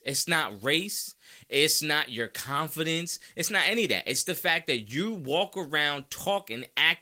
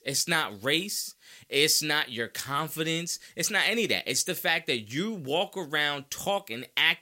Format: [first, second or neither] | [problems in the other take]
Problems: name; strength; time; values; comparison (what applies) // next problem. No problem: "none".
second | garbled, watery; slightly; nothing above 16 kHz